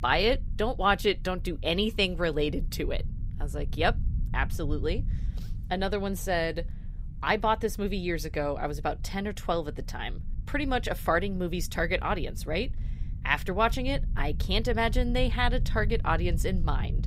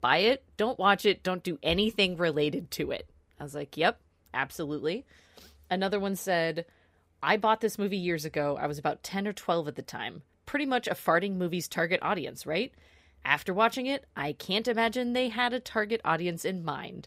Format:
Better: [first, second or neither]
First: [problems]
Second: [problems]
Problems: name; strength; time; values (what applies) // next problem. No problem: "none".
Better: second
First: low rumble; faint; throughout; 20 dB below the speech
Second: none